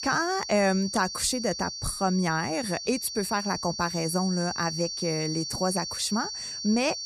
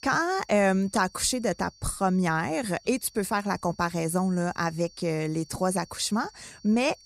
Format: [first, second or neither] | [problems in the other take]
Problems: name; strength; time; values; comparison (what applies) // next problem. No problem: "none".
second | high-pitched whine; loud; throughout; 4.5 kHz, 5 dB below the speech; faint in the second